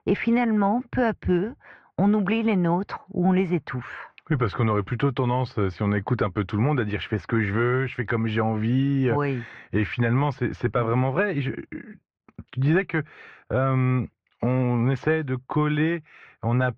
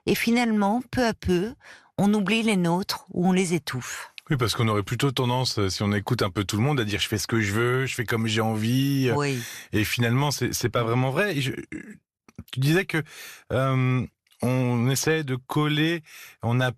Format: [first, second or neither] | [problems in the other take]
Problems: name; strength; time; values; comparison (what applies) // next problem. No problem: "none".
second | muffled; very; fading above 2 kHz